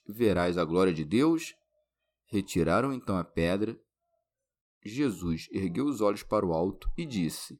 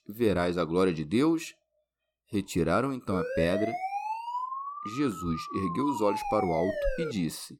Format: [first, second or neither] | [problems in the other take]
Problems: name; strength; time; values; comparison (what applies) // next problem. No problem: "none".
first | siren; noticeable; from 3 s on; peak 2 dB below the speech